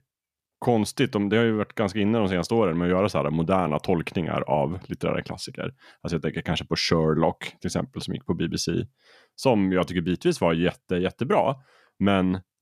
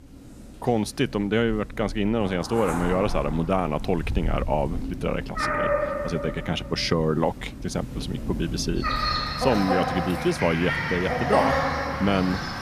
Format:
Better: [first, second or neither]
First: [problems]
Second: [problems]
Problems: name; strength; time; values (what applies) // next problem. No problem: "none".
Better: first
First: none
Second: animal sounds; loud; throughout; 3 dB below the speech